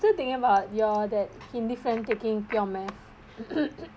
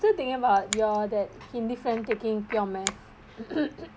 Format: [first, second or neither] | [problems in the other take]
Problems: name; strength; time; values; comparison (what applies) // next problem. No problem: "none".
first | background sound (Finger snapping); 13 dB below the speech